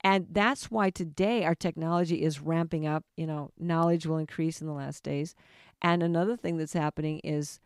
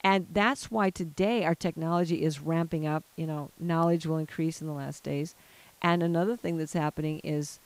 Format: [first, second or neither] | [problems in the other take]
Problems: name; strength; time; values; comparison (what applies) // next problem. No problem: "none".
first | hiss; faint; throughout; 30 dB below the speech